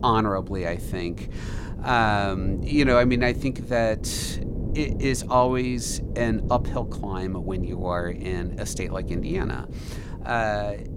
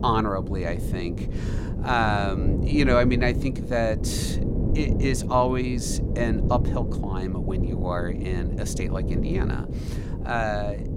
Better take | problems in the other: first | wind noise on the microphone; heavy; 9 dB below the speech; occasional gusts in the first

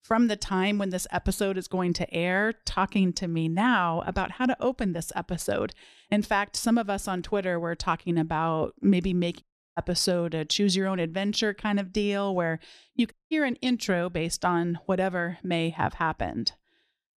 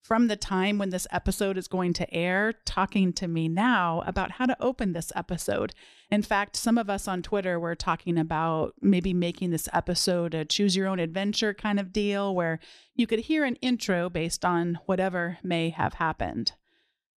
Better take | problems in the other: second | audio cutting out; at 9.5 s and at 13 s

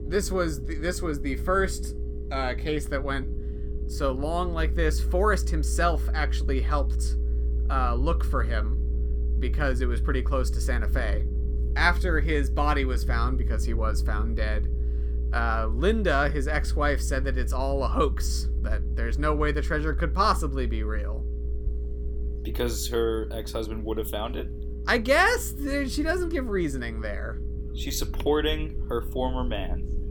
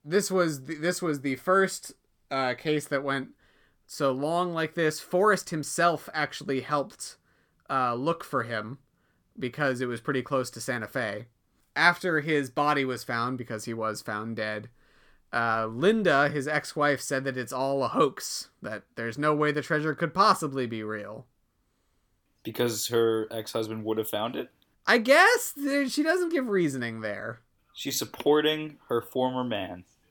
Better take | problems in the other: second | low rumble; noticeable; throughout; 15 dB below the speech

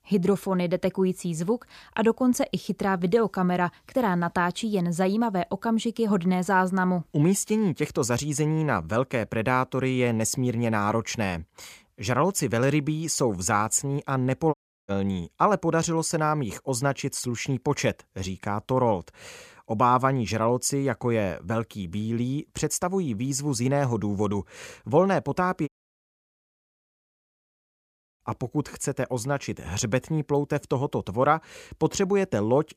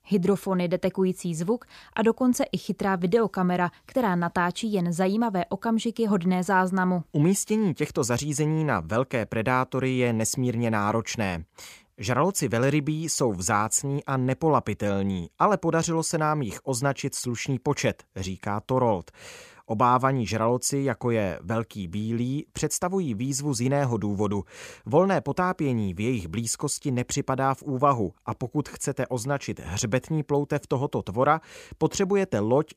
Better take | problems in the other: second | audio cutting out; at 15 s and at 26 s for 2.5 s

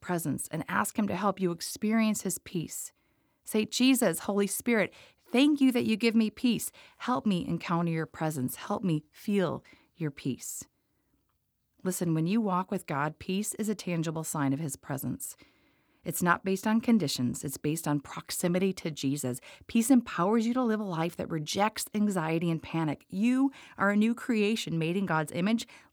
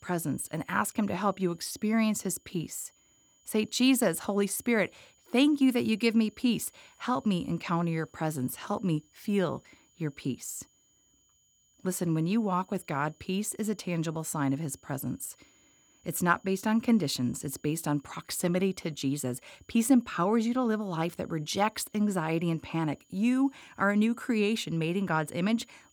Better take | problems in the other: first | high-pitched whine; faint; throughout; 7 kHz, 35 dB below the speech

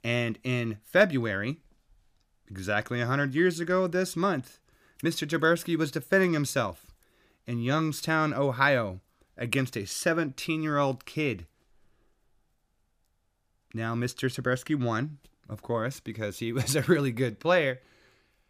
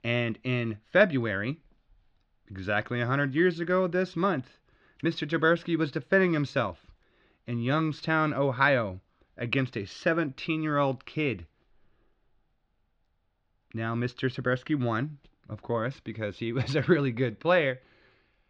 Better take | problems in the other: first | muffled; slightly; fading above 4 kHz

